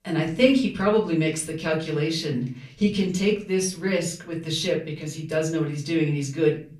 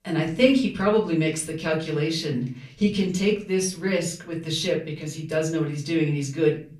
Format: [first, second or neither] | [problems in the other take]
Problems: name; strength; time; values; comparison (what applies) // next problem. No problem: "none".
neither | room echo; slight; dies away in 0.4 s; the same in both // off-mic speech; far; the same in both